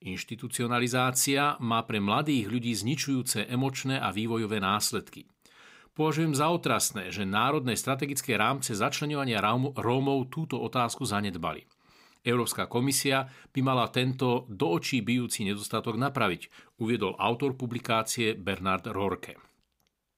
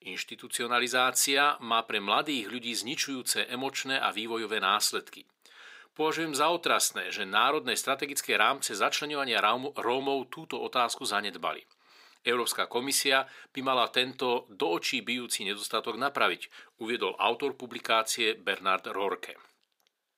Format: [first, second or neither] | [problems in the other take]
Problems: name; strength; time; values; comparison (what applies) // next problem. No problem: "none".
first | thin; somewhat; fading below 450 Hz